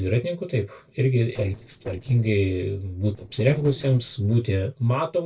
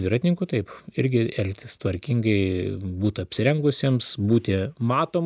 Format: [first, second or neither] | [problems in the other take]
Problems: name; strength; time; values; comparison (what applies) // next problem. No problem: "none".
second | noise reduction (neural separator model SepFormer DNS4)